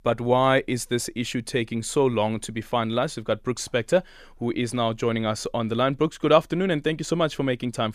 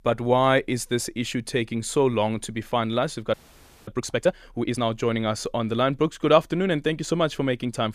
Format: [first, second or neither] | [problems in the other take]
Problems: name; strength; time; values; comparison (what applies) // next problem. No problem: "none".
first | audio freezing; at 3.5 s for 0.5 s